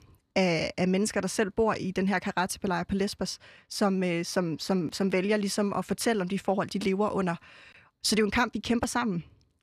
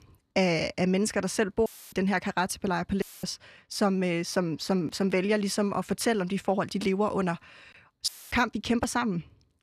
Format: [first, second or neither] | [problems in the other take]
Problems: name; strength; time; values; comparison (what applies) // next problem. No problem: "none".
first | audio cutting out; filled with static; at 1.5 s, at 3 s and at 8 s